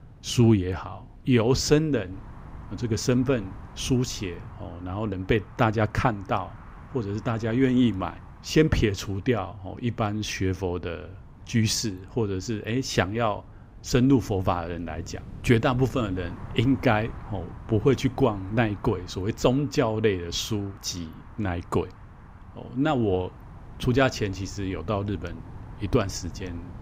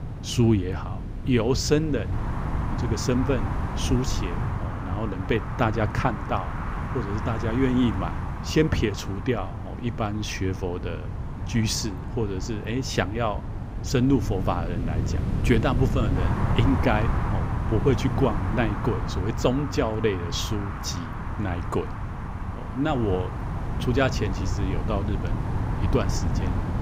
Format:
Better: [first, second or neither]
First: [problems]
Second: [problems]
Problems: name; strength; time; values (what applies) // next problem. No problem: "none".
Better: first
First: wind noise on the microphone; occasional gusts; 20 dB below the speech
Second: wind noise on the microphone; heavy; 7 dB below the speech